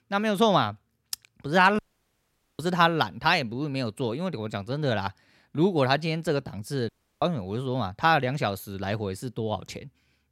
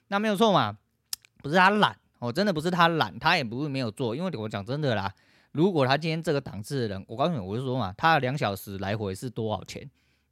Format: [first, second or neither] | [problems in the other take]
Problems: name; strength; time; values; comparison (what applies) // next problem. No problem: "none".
second | audio cutting out; at 2 s for 1 s and at 7 s